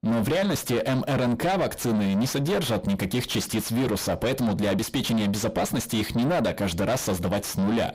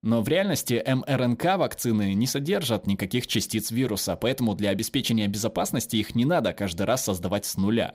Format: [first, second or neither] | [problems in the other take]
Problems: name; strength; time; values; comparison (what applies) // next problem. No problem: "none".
second | distortion; heavy; 8 dB below the speech